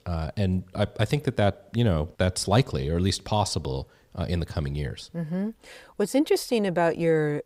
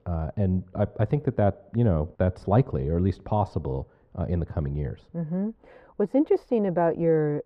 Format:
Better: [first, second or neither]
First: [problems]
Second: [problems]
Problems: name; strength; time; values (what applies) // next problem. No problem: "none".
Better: first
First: none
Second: muffled; very; fading above 2.5 kHz